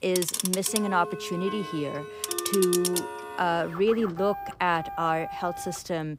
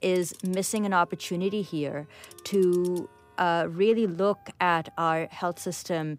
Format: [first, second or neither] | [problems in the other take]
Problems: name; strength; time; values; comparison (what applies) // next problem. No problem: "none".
second | household noises; loud; throughout; 5 dB below the speech; faint in the second